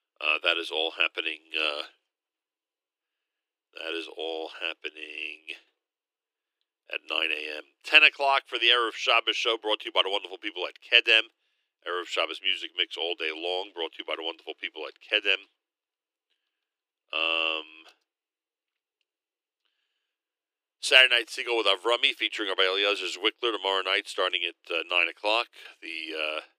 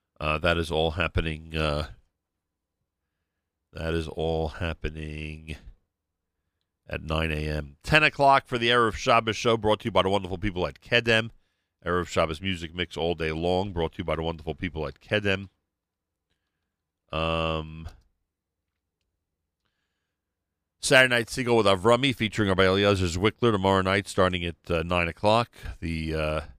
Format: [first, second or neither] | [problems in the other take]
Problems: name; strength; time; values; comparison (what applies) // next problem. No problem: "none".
second | thin; very; fading below 300 Hz